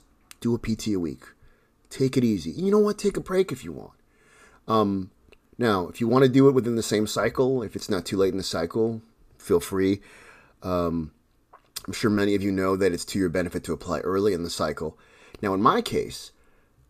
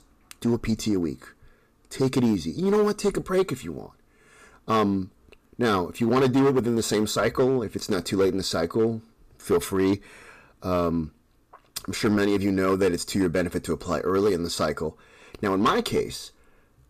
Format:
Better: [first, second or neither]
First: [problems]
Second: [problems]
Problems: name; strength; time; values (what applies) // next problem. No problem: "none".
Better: first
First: none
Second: distortion; slight; 6% of the sound clipped